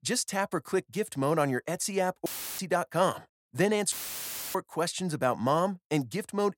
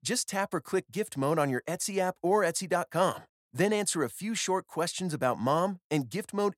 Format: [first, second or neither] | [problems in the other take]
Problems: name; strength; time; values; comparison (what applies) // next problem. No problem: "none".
second | audio cutting out; filled with static; at 2.5 s and at 4 s for 0.5 s